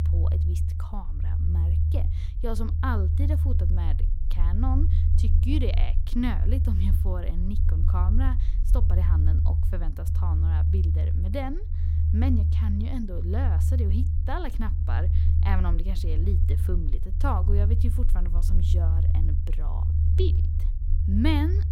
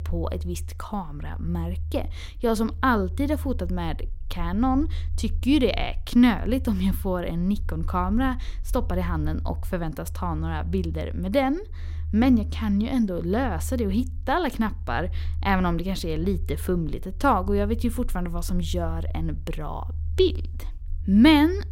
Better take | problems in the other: second | low rumble; loud; throughout; 5 dB below the speech; faint in the second

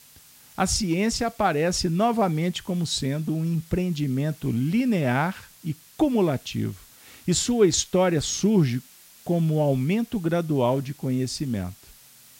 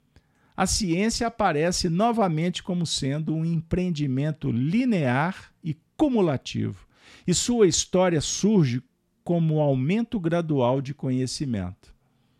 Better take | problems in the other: second | hiss; faint; throughout; 25 dB below the speech

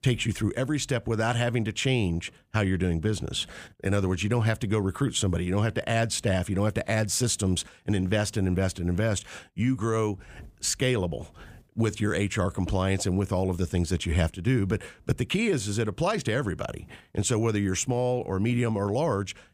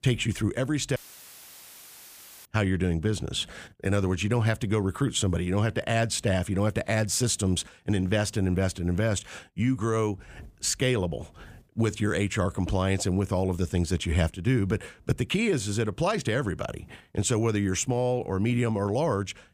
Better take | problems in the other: first | audio cutting out; filled with static; at 1 s for 1.5 s

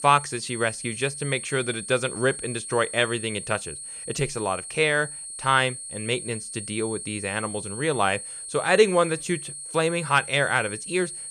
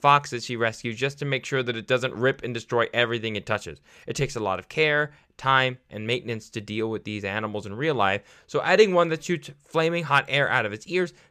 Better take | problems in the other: second | high-pitched whine; loud; throughout; 8.5 kHz, 9 dB below the speech

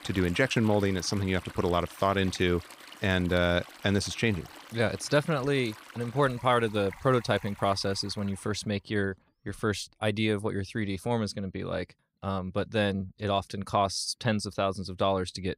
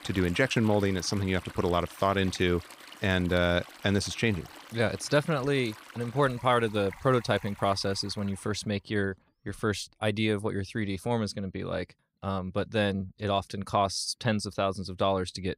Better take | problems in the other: neither | rain or running water; noticeable; until 8.5 s; 20 dB below the speech; the same in both

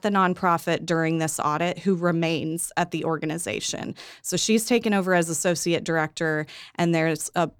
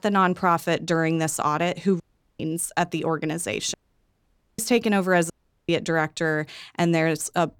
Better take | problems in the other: first | audio cutting out; at 2 s, at 3.5 s for 1 s and at 5.5 s

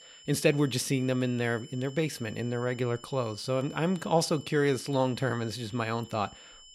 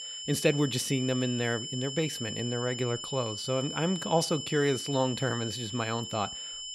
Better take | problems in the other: first | high-pitched whine; loud; throughout; 3 kHz, 6 dB below the speech; faint in the first

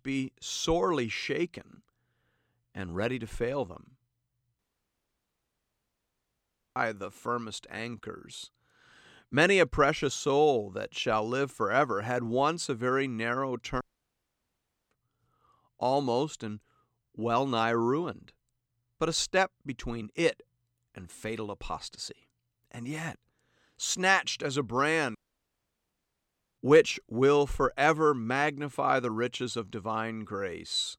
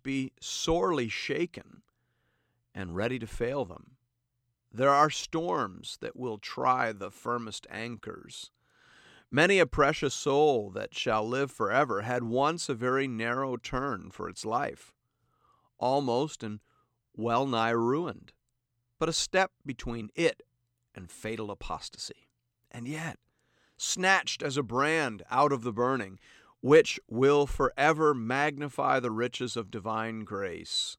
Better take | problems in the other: second | audio cutting out; at 4.5 s for 2 s, at 14 s for 1 s and at 25 s for 1.5 s

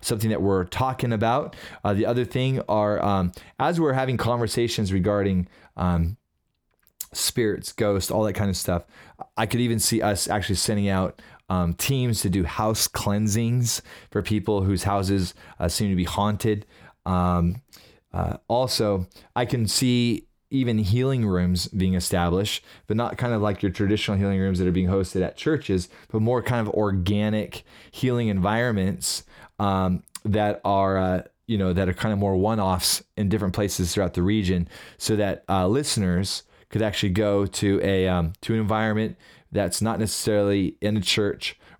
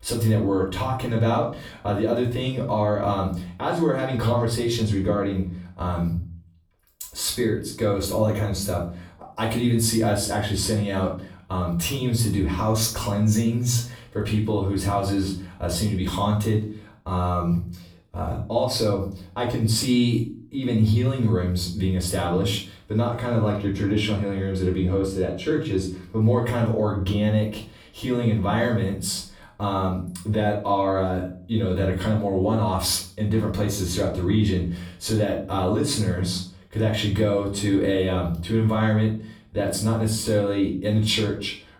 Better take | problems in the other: first | off-mic speech; far // room echo; slight; dies away in 0.4 s

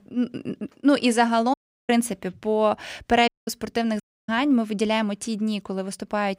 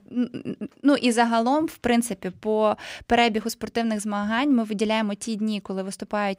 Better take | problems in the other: second | audio cutting out; at 1.5 s, at 3.5 s and at 4 s

